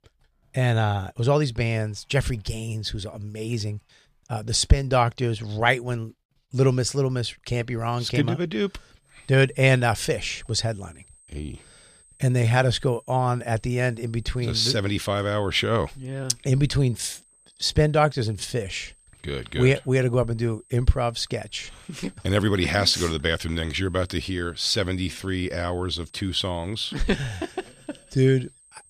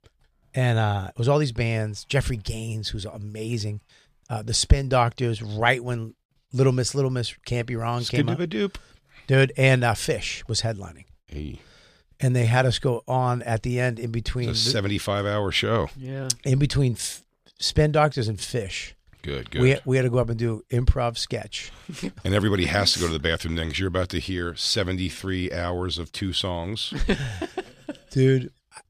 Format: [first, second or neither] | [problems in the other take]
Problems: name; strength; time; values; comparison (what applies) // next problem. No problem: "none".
second | high-pitched whine; faint; from 9 s on; 8.5 kHz, 30 dB below the speech